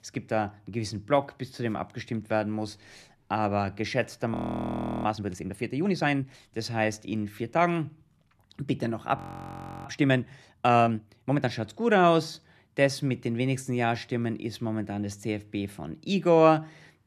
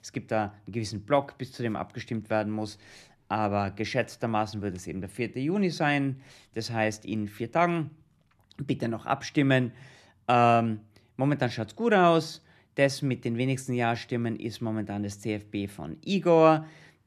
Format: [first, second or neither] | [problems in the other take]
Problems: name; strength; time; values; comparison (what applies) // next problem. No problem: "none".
second | audio freezing; at 4.5 s for 0.5 s and at 9 s for 0.5 s